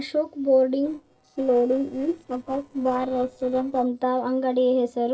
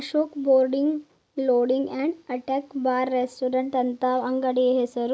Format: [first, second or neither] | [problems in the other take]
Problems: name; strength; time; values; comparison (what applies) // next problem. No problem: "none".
second | noise reduction (neural separator model SepFormer DNS4)